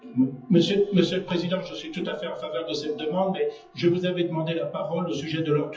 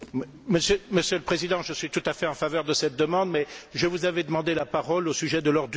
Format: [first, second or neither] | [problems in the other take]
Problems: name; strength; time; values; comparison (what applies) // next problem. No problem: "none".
second | noise reduction (classical method WPE with log-MMSE)